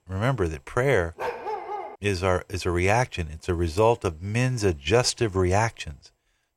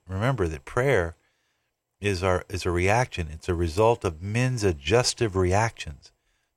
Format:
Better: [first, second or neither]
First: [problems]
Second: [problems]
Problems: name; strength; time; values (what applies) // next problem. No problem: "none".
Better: second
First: dog barking; noticeable; at 1 s; peak 6 dB below the speech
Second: none